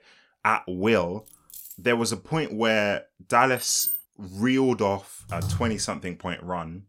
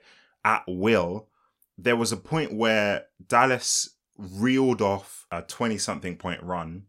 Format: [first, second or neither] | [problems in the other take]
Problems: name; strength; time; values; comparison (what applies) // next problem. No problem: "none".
second | jangling keys; faint; at 1.5 s; peak 15 dB below the speech // jangling keys; noticeable; at 3.5 s; peak 1 dB below the speech // keyboard typing; noticeable; at 5.5 s; peak 5 dB below the speech